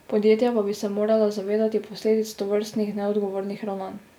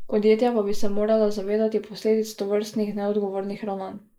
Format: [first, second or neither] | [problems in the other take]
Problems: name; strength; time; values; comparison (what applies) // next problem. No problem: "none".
first | noise reduction (neural mask model Resemble Enhance denoiser)